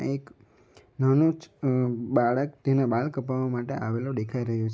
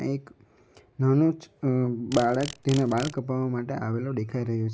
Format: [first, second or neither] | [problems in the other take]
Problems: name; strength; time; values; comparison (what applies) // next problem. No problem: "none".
first | background sound (Insect); 16 dB below the speech